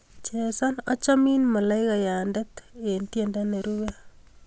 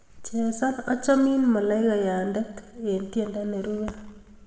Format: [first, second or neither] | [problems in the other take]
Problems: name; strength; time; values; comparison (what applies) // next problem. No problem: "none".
first | room echo; dies away in 1.3 s